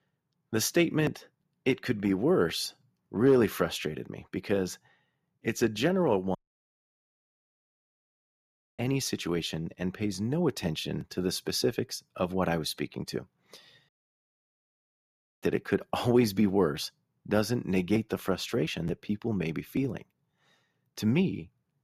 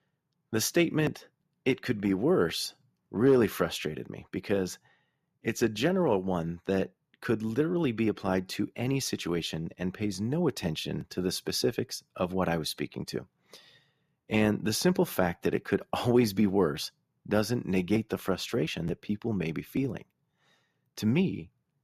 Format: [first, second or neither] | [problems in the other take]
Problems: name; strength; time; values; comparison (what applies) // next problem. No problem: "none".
second | audio cutting out; at 6.5 s for 2.5 s and at 14 s for 1.5 s